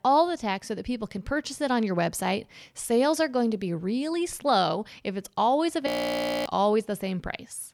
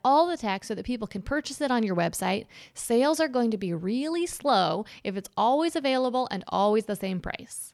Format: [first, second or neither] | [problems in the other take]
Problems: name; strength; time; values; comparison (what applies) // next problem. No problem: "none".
second | audio freezing; at 6 s for 0.5 s